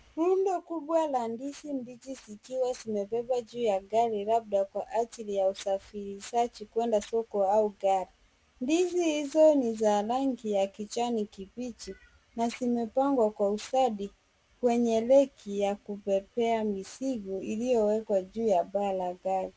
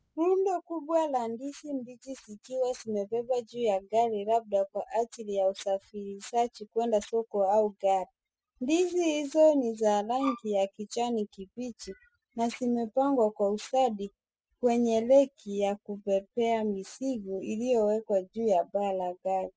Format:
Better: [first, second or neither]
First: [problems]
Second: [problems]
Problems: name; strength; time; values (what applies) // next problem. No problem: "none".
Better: first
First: none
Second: noise reduction (classical method spectral subtraction)